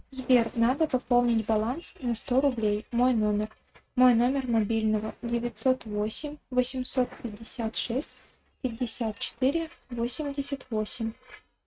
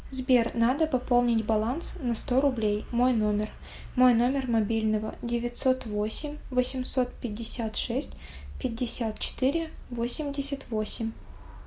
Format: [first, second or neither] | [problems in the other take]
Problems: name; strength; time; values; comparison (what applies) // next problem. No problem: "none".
second | noise reduction (neural mask model RNNoise)